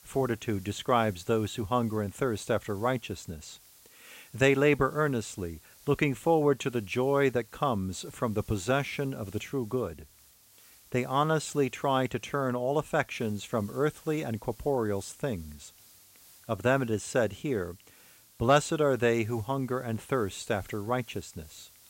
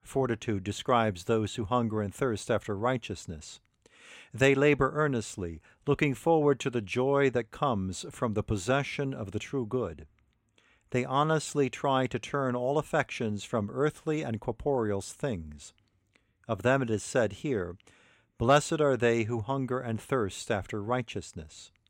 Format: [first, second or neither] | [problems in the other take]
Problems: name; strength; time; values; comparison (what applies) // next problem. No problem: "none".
second | hiss; faint; throughout; 25 dB below the speech